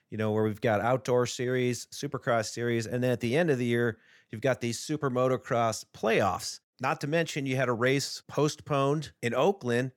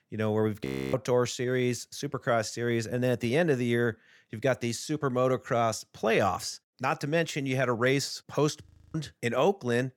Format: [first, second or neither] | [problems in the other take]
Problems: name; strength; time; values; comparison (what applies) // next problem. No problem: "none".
first | audio freezing; at 0.5 s and at 8.5 s